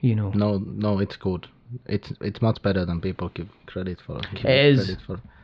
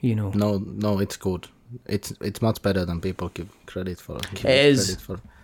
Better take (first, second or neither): second